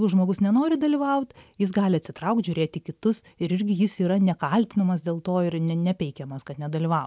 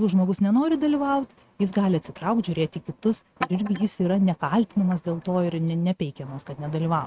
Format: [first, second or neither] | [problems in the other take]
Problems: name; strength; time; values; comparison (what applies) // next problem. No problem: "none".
first | noise reduction (neural mask model RNNoise)